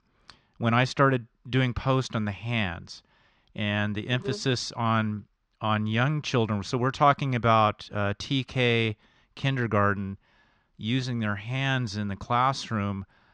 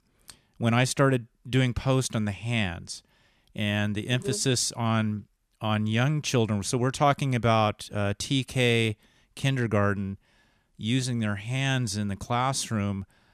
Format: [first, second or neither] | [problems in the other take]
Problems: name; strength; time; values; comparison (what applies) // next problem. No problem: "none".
second | muffled; very slightly; fading above 5 kHz